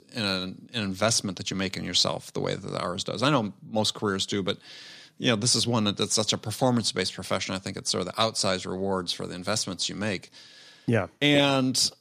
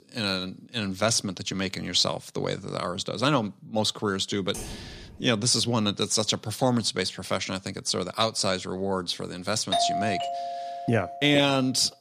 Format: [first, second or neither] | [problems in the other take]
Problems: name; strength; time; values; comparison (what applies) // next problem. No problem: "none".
first | keyboard typing; faint; at 4.5 s; peak 10 dB below the speech // doorbell; loud; from 9.5 to 11 s; peak 1 dB above the speech